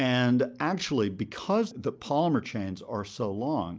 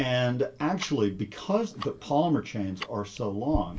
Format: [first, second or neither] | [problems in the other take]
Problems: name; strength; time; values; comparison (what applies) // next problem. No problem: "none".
first | background sound (Tick-tock); 12 dB below the speech // room echo; dies away in 0.2 s